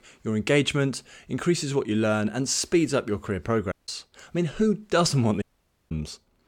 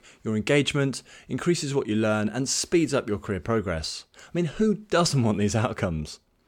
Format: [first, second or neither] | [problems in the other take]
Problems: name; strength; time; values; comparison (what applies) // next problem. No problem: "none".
second | audio cutting out; at 3.5 s and at 5.5 s